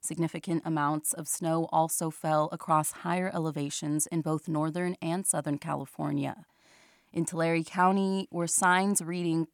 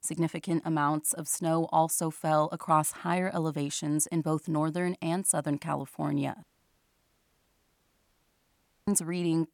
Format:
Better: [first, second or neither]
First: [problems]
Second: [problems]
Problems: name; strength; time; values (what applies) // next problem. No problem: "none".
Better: first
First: none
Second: audio cutting out; at 6.5 s for 2.5 s